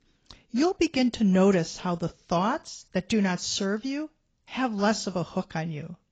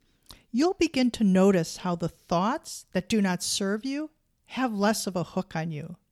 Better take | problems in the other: second | garbled, watery; badly; nothing above 7.5 kHz

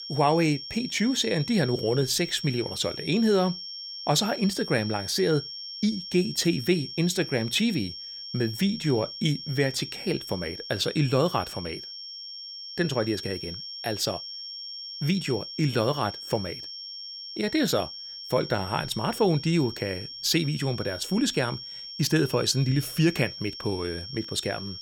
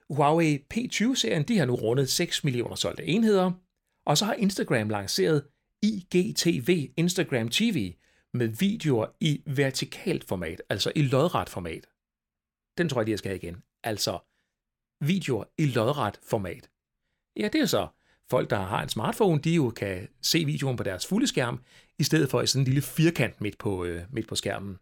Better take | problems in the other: second | high-pitched whine; loud; throughout; 5.5 kHz, 9 dB below the speech

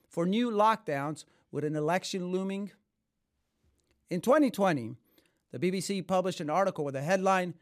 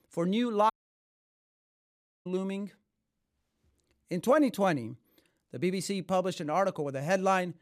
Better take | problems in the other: first | audio cutting out; at 0.5 s for 1.5 s

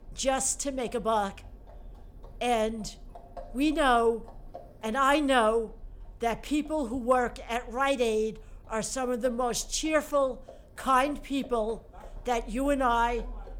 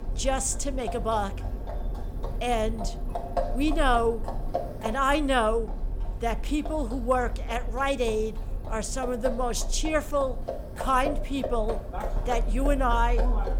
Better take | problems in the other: first | animal sounds; loud; throughout; 6 dB below the speech; faint in the first

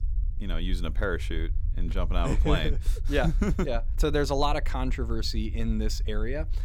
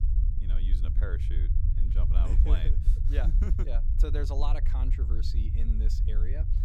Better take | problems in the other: first | low rumble; loud; throughout; 5 dB below the speech; faint in the first

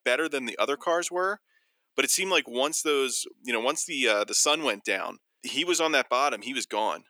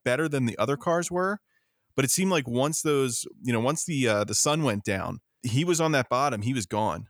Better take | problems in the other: second | thin; somewhat; fading below 300 Hz

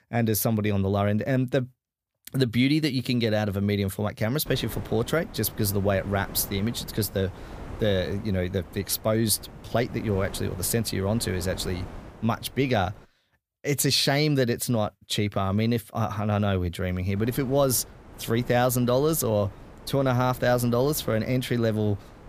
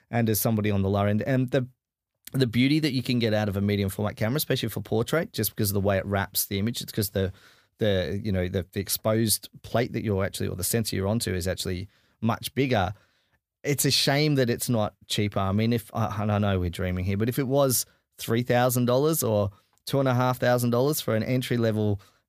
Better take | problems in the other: second | wind noise on the microphone; occasional gusts; from 4.5 to 13 s and from 17 s on; 20 dB below the speech

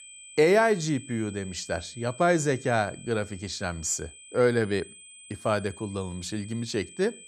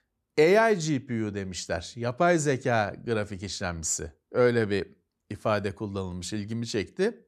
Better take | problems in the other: second | high-pitched whine; noticeable; throughout; 8 kHz, 20 dB below the speech

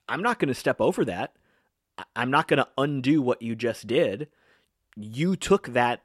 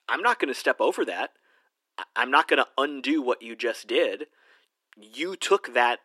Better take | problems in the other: first | thin; somewhat; fading below 300 Hz

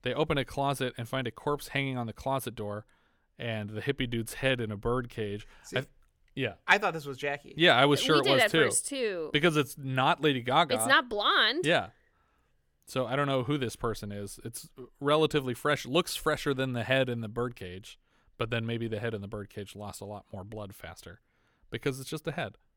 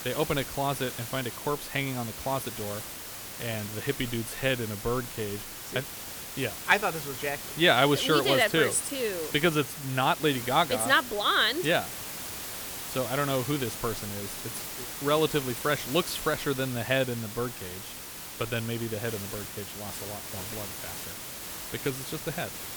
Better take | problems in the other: first | hiss; loud; throughout; 8 dB below the speech

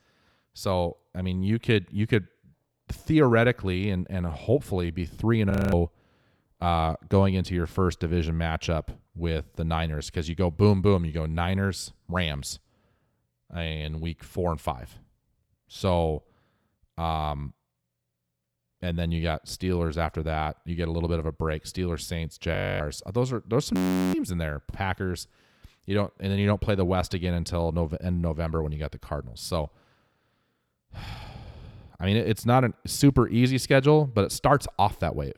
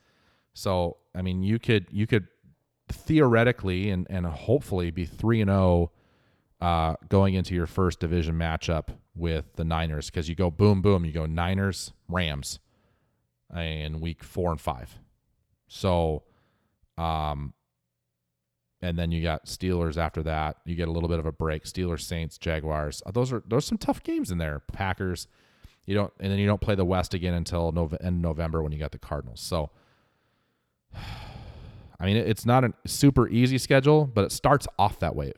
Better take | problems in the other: second | audio freezing; at 5.5 s, at 23 s and at 24 s

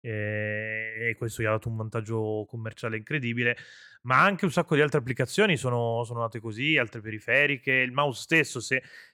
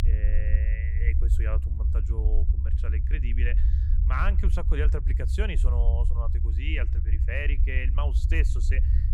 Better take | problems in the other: first | low rumble; loud; throughout; 9 dB below the speech

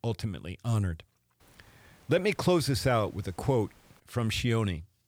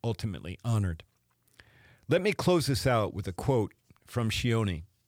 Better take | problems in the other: second | hiss; faint; from 1.5 to 4 s; 30 dB below the speech

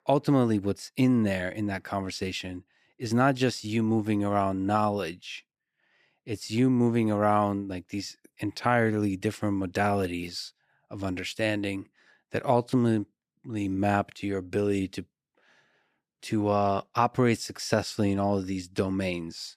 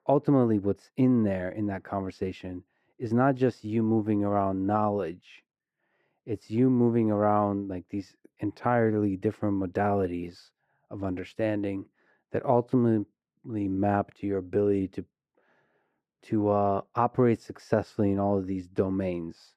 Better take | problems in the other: first | muffled; very; fading above 2 kHz

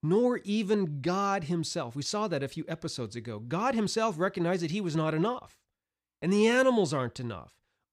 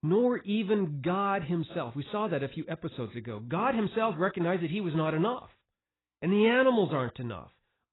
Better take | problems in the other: first | garbled, watery; badly; nothing above 4 kHz

